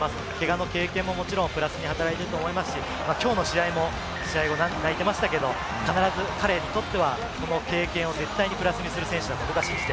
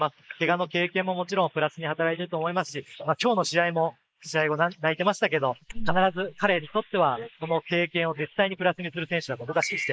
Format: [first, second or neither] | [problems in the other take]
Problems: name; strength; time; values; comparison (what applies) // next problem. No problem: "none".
first | noise reduction (neural mask model Resemble Enhance denoiser)